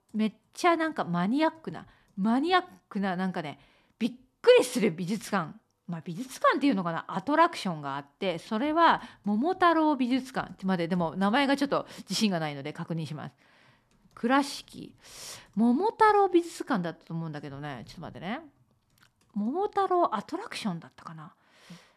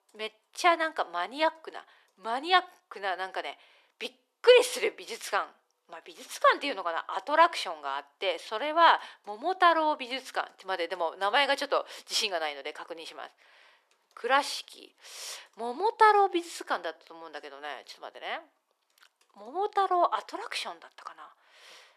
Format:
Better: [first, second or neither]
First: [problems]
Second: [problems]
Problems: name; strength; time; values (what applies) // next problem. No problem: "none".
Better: first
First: none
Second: thin; very; fading below 400 Hz